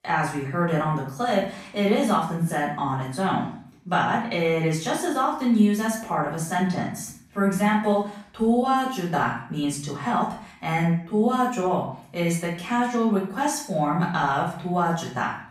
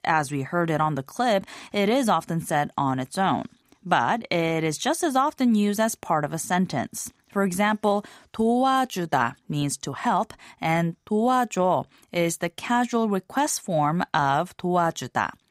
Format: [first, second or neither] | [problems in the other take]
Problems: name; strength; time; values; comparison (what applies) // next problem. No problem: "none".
second | off-mic speech; far // room echo; noticeable; dies away in 0.5 s